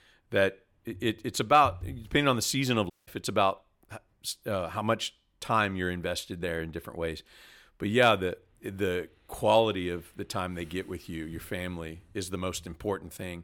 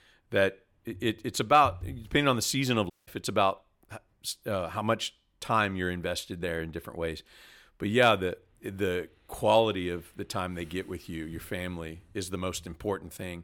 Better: neither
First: audio cutting out; at 3 s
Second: audio cutting out; at 3 s

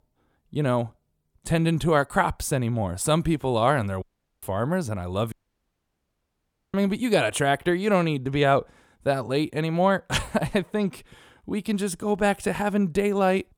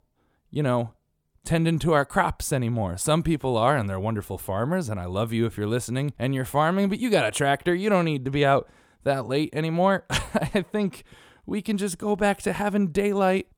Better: second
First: audio cutting out; at 4 s and at 5.5 s for 1.5 s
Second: none

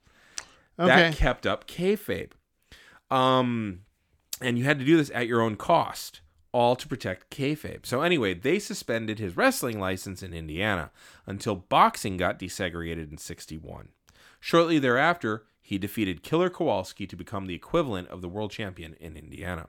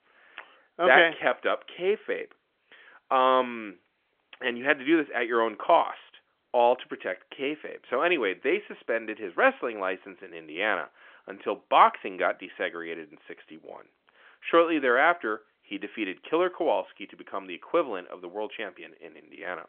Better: first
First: none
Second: phone-call audio; nothing above 3.5 kHz

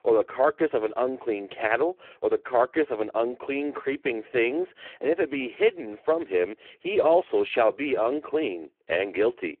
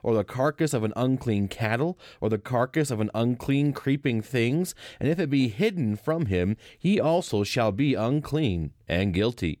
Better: second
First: phone-call audio; poor line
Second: none

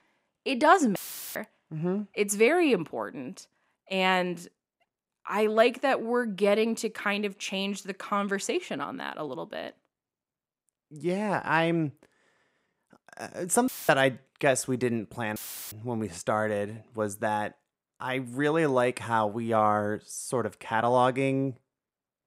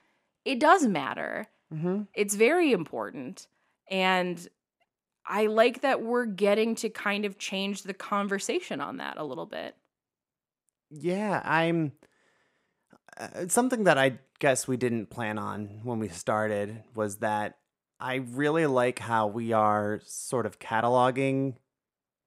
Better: second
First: audio cutting out; filled with static; at 1 s, at 14 s and at 15 s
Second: none

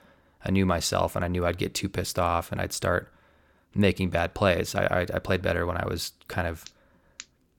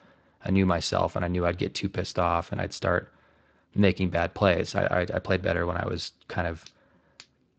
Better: first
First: none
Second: garbled, watery; slightly; nothing above 8 kHz

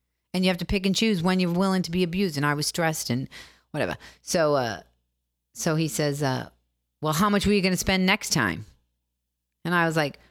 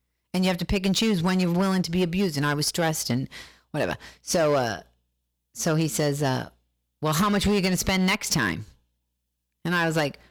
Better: first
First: none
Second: distortion; slight; 7% of the sound clipped

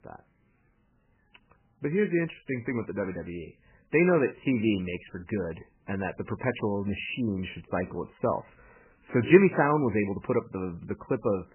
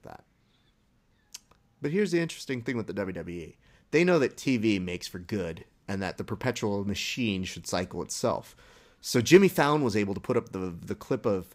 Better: second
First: garbled, watery; badly; nothing above 3 kHz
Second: none

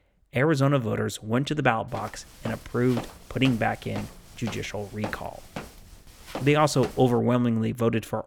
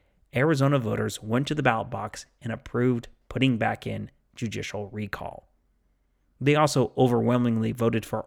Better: second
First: footsteps; faint; from 2 to 7 s; peak 10 dB below the speech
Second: none

